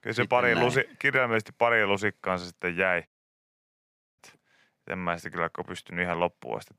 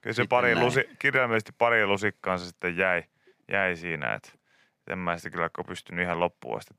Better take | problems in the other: second | audio cutting out; at 3 s for 1 s

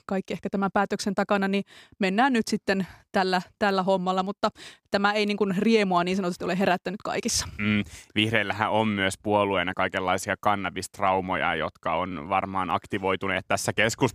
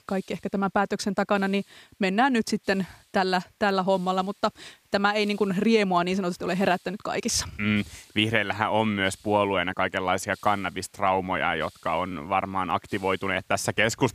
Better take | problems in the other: first | hiss; faint; throughout; 30 dB below the speech

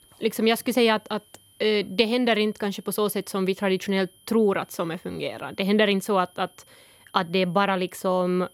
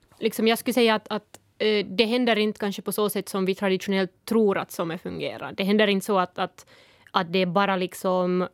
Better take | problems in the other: second | high-pitched whine; faint; throughout; 3 kHz, 30 dB below the speech

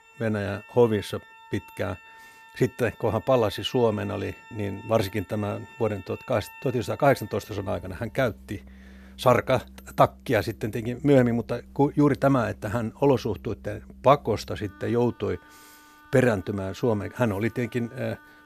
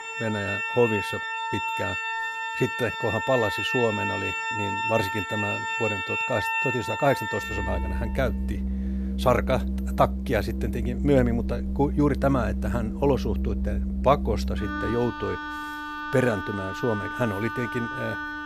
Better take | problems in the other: first | background music; loud; throughout; 2 dB below the speech; faint in the first

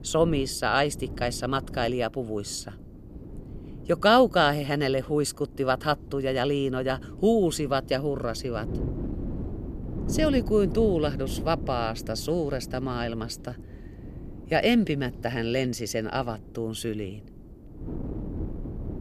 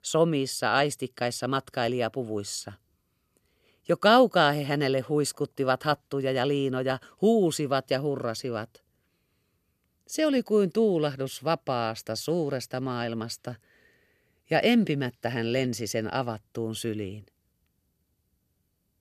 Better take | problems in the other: second | wind noise on the microphone; occasional gusts; 20 dB below the speech

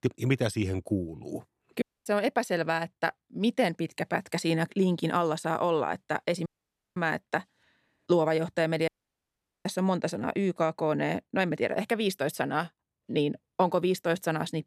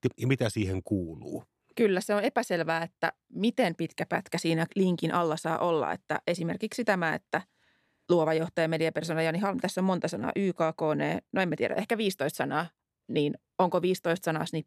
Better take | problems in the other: second | audio cutting out; at 2 s, at 6.5 s for 0.5 s and at 9 s for 1 s

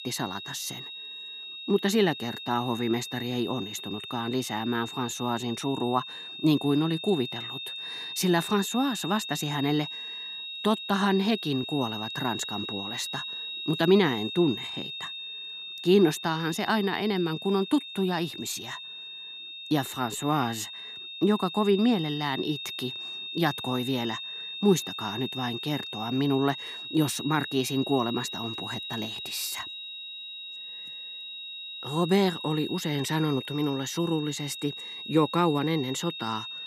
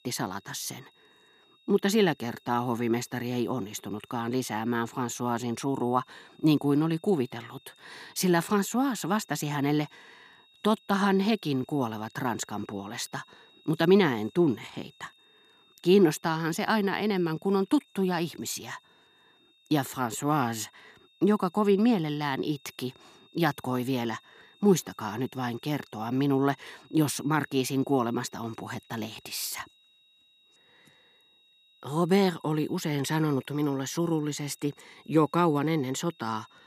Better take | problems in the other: second | high-pitched whine; loud; throughout; 3.5 kHz, 8 dB below the speech; faint in the second

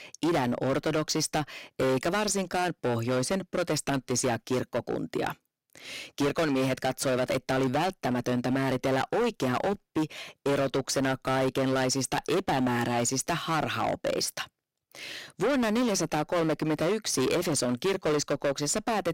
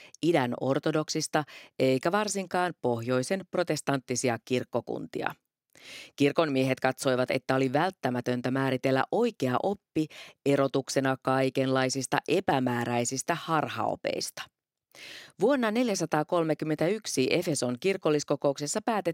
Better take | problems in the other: second | distortion; heavy; 18% of the sound clipped

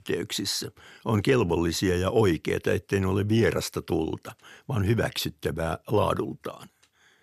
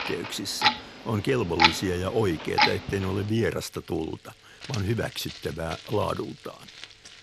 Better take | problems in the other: first | household noises; very loud; throughout; 4 dB above the speech

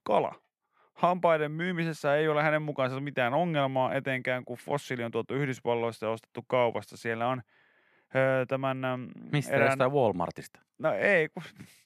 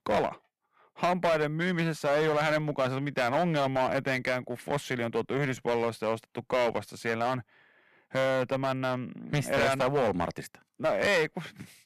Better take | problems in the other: first | distortion; heavy; 11% of the sound clipped

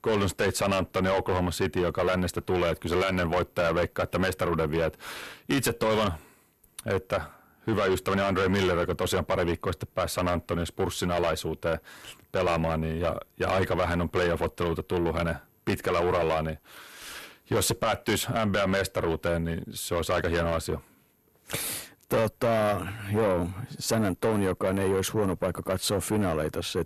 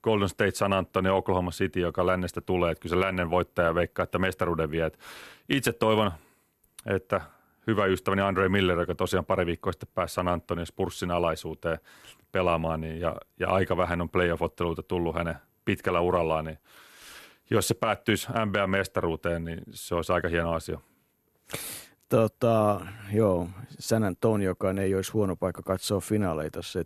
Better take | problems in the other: second | distortion; heavy; 6 dB below the speech

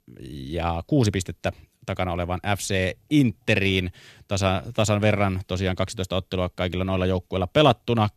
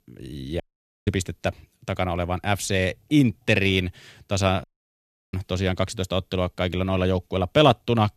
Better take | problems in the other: first | audio cutting out; at 0.5 s and at 4.5 s for 0.5 s

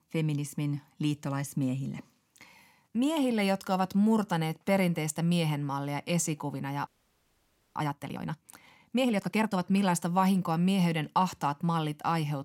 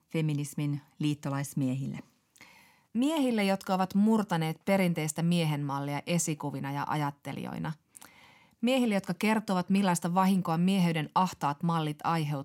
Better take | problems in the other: second | audio freezing; at 7 s for 1 s

